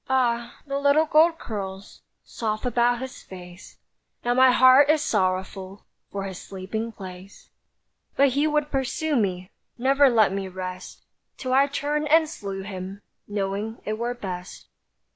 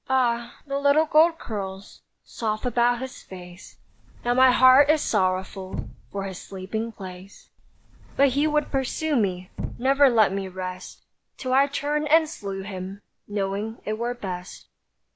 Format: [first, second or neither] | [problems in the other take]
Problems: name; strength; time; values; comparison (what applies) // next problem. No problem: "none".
first | background sound (Sliding door / Slam / Wood); 13 dB below the speech